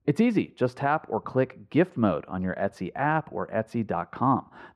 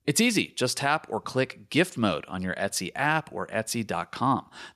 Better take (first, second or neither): second